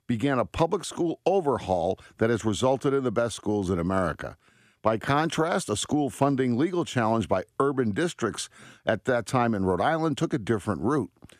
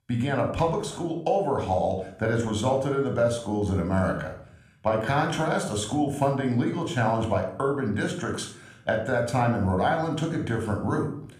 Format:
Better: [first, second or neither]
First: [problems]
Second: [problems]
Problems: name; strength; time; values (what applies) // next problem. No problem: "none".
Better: first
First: none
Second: room echo; slight; dies away in 0.5 s